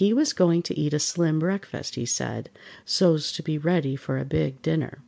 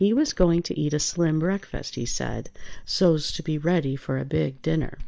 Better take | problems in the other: first | noise reduction (neural mask model DeepFilterNet 3)

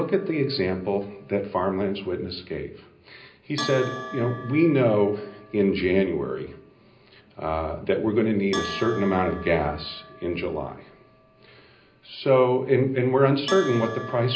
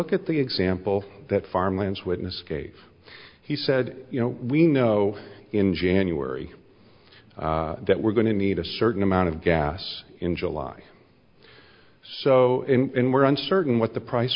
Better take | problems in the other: second | background sound (Bell); 16 dB below the speech // room echo; dies away in 0.5 s

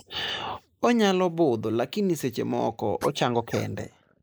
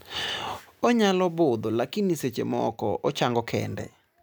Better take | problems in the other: second | noise reduction (neural mask model Resemble Enhance denoiser)

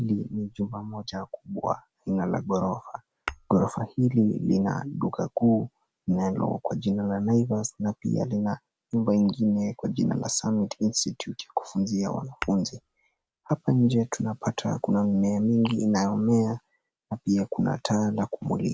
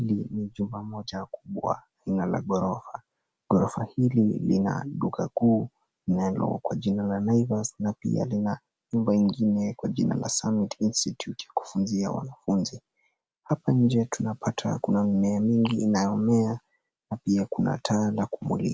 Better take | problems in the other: second | background sound (Tap / Glass); 16 dB below the speech

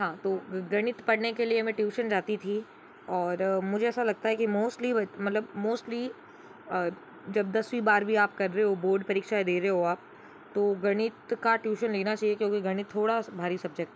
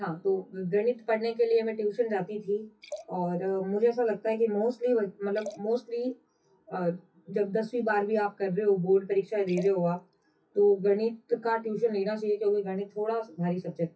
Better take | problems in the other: first | noise reduction (classical method WPE with log-MMSE)

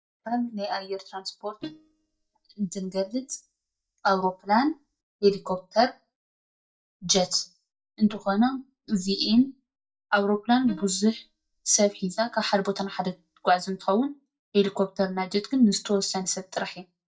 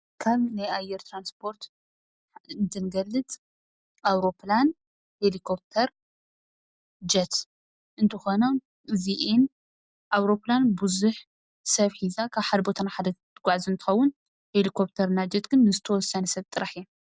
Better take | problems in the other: second | noise reduction (neural mask model DeepFilterNet 3)

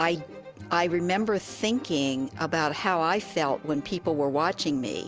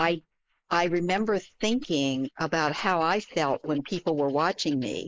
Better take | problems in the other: first | noise reduction (neural mask model Resemble Enhance denoiser)

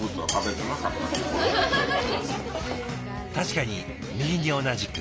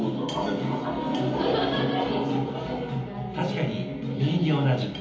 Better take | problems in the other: first | room echo; dies away in 1.3 s

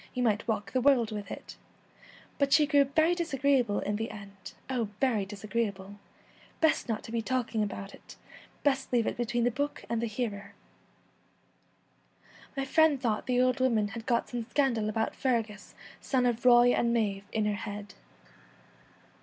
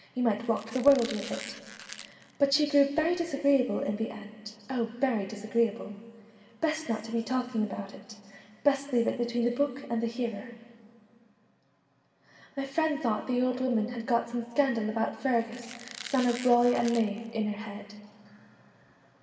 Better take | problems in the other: first | background sound (Squeak); 15 dB below the speech // room echo; dies away in 1.9 s

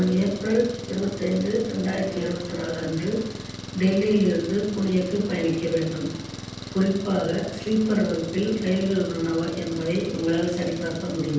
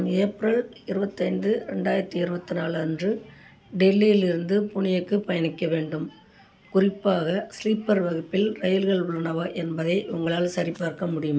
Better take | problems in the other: second | background sound (Engine); 12 dB below the speech // room echo; dies away in 0.9 s

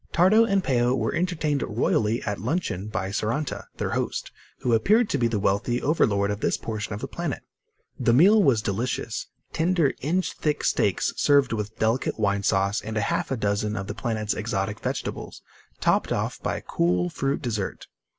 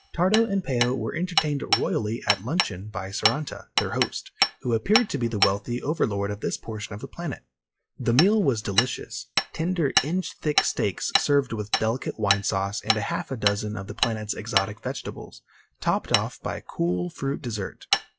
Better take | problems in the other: first | noise reduction (classical method log-MMSE)

